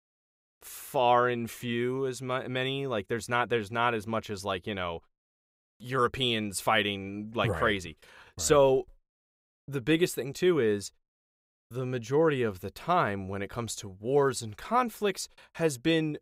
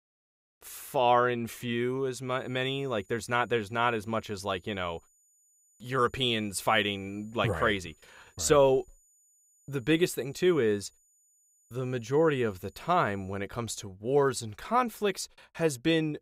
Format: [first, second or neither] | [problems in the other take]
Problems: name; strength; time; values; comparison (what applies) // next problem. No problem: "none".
first | high-pitched whine; faint; from 2.5 to 13 s; 7 kHz, 35 dB below the speech